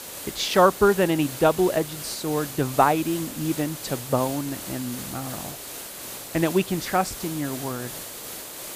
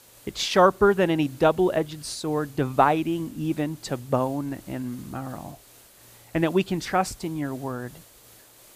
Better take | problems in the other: second | hiss; loud; throughout; 10 dB below the speech; faint in the second

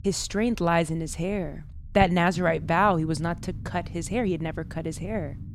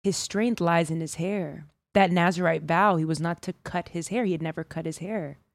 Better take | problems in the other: second | low rumble; faint; throughout; 25 dB below the speech

